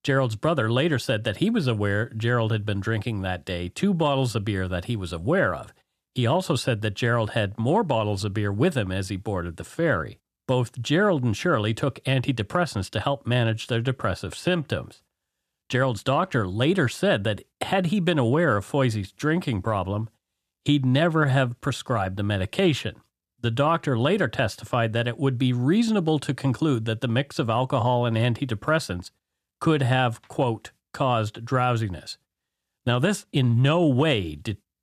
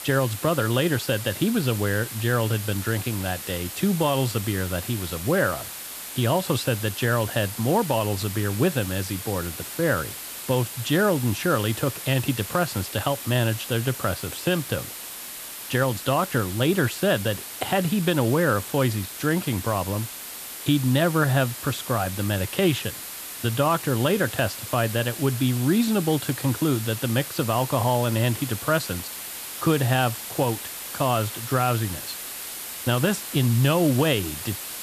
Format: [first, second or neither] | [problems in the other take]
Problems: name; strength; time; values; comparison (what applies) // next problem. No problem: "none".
first | hiss; loud; throughout; 9 dB below the speech